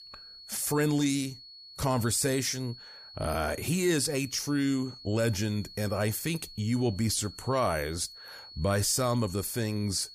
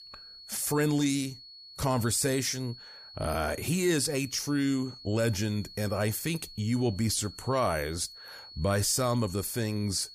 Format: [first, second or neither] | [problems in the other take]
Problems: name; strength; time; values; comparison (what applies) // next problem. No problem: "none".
neither | high-pitched whine; noticeable; throughout; 4.5 kHz, 15 dB below the speech; the same in both